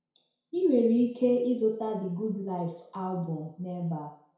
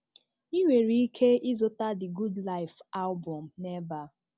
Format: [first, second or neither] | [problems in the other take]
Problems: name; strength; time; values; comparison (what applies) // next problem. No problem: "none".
second | room echo; dies away in 0.6 s